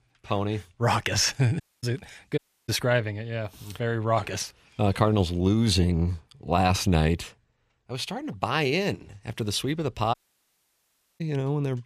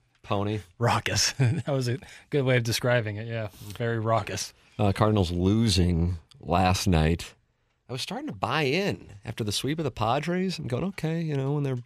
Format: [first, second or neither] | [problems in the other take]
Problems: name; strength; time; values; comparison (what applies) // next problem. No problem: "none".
second | audio cutting out; at 1.5 s, at 2.5 s and at 10 s for 1 s